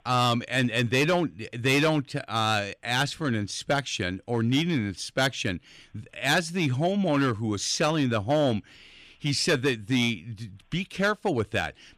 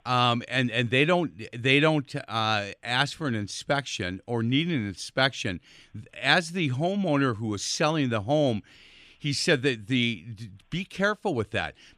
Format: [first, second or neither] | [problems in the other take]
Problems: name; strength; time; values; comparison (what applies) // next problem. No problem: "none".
second | distortion; slight; 4% of the sound clipped